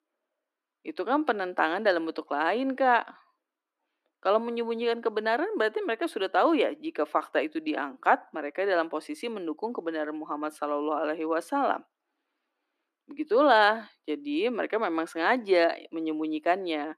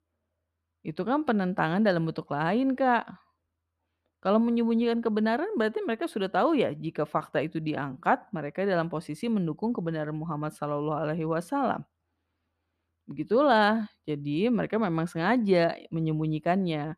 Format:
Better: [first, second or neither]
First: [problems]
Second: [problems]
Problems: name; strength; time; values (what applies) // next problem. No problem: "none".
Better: second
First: thin; somewhat; fading below 300 Hz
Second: none